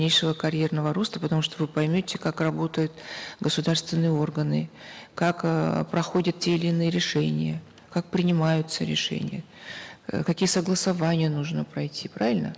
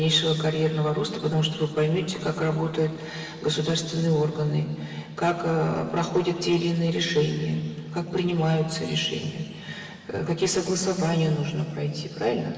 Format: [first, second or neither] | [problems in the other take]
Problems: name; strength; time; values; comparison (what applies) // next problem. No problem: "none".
first | room echo; dies away in 2.3 s